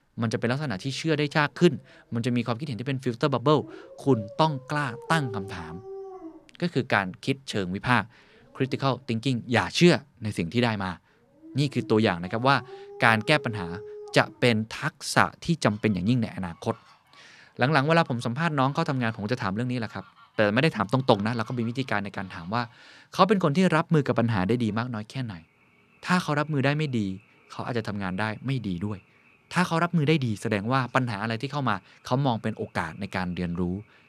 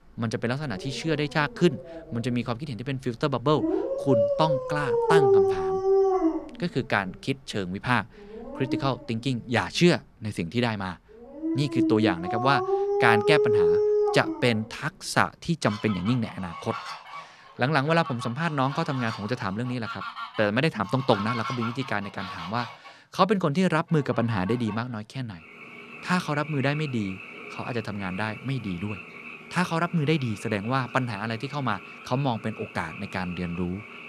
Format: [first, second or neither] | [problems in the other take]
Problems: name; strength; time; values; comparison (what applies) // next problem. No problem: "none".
first | animal sounds; loud; throughout; 1 dB below the speech; faint in the first